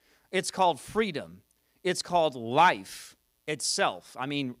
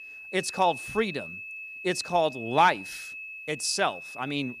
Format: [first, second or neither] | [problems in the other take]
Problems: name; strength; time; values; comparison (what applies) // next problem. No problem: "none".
first | high-pitched whine; noticeable; throughout; 2.5 kHz, 10 dB below the speech